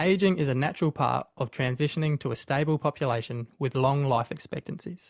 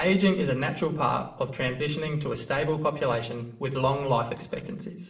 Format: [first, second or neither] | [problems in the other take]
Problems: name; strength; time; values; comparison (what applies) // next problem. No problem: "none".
first | room echo; dies away in 0.6 s